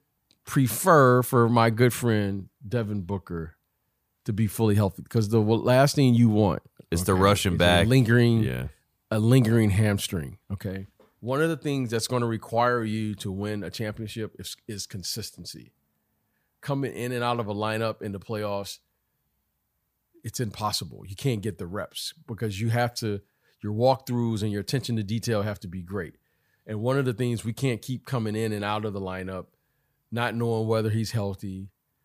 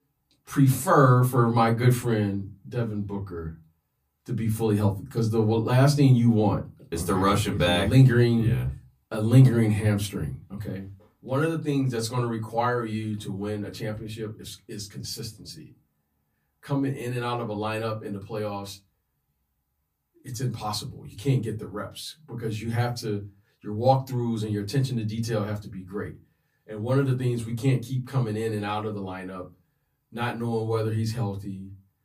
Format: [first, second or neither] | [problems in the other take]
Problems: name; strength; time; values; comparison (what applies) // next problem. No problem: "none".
first | off-mic speech; far // room echo; very slight; dies away in 0.2 s